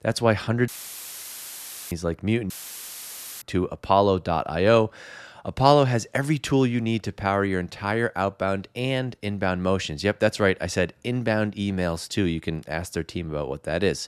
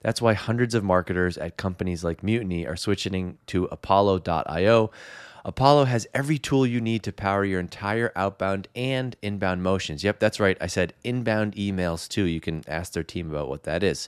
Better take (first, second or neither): second